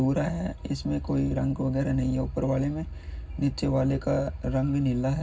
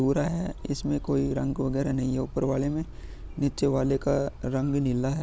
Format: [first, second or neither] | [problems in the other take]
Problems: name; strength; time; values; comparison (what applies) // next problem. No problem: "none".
second | room echo; dies away in 0.4 s